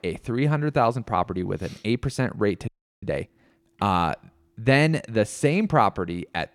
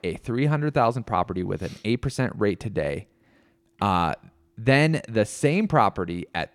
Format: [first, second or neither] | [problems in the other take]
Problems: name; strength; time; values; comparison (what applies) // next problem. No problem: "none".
second | audio freezing; at 2.5 s